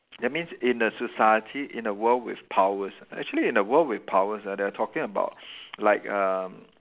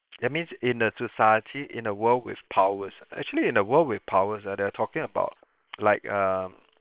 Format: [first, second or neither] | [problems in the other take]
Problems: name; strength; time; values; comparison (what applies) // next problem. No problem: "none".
first | noise reduction (neural separator model SepFormer WHAM!)